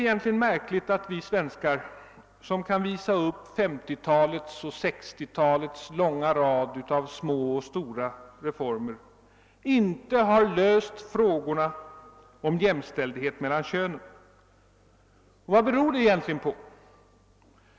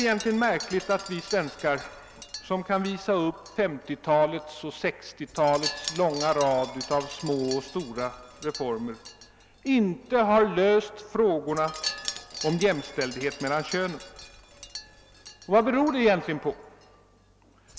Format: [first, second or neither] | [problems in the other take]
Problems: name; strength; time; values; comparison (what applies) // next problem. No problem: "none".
first | background sound (Wind chime); 14 dB below the speech